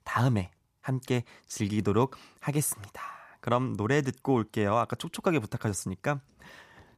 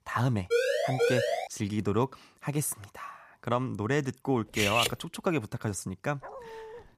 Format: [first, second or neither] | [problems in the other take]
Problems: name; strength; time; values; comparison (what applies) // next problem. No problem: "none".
first | siren; loud; at 0.5 s; peak 5 dB above the speech // clattering dishes; loud; at 4.5 s; peak 5 dB above the speech // dog barking; faint; at 6 s; peak 10 dB below the speech